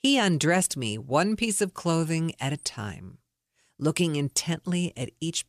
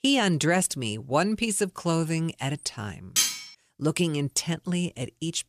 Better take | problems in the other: first | clattering dishes; loud; at 3 s; peak 3 dB above the speech

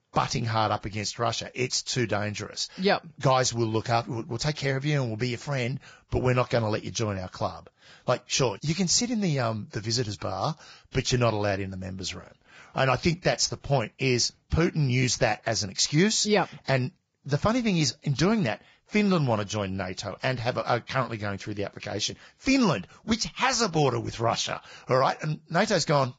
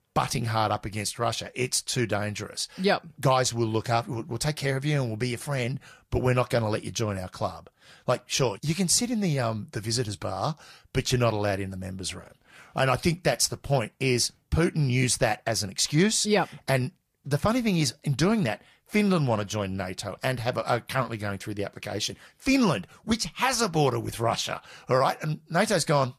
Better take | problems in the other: second | garbled, watery; badly; nothing above 7.5 kHz; slightly in the second

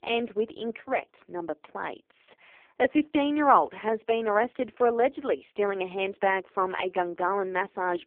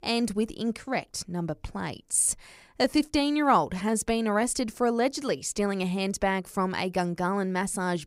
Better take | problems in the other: second | phone-call audio; poor line; nothing above 3.5 kHz

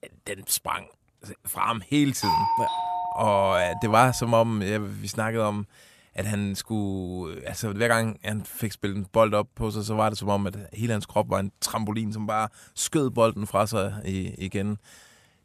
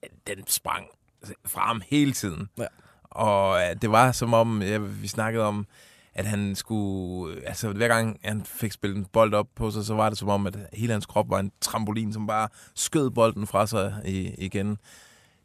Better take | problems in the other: second | doorbell; loud; from 2 to 4 s; peak 3 dB above the speech

